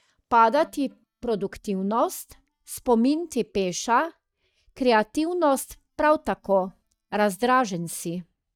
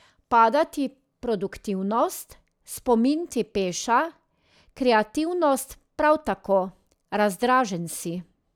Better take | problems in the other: second | noise reduction (neural mask model DeepFilterNet 3)

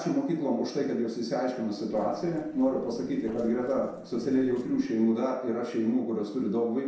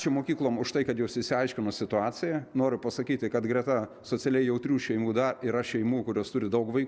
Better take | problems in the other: second | noise reduction (neural separator model SepFormer DNS4)

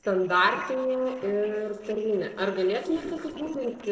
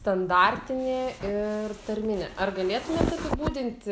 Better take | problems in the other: second | noise reduction (neural separator model SepFormer DNS4)

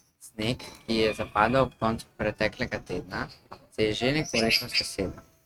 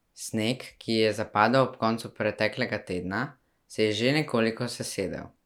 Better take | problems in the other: second | noise reduction (neural mask model RNNoise)

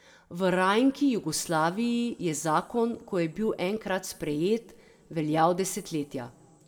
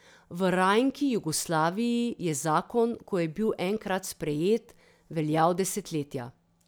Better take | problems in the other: second | room echo; dies away in 1 s

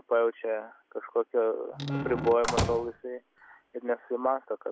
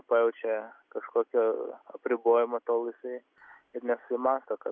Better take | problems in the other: second | background sound (Squeak / Slam / Wood); 3 dB below the speech

